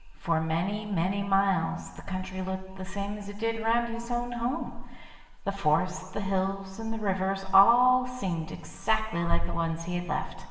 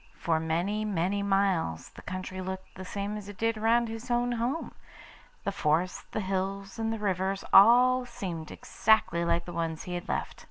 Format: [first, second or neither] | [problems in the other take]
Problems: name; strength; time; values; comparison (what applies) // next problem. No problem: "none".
second | room echo; dies away in 1.1 s